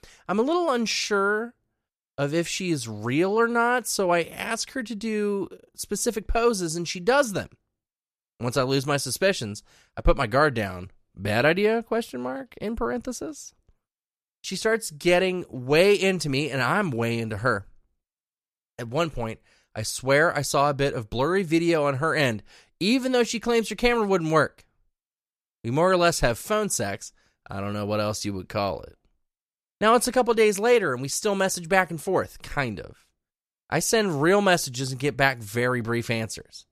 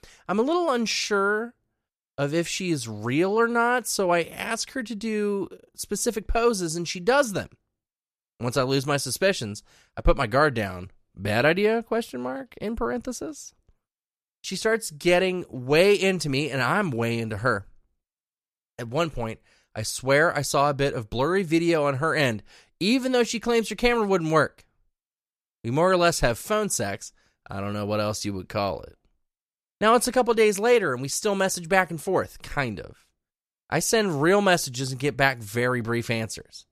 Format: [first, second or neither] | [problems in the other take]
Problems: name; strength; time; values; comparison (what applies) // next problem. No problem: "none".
neither | none